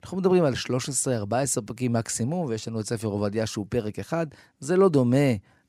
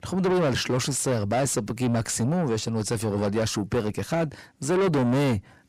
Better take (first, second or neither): first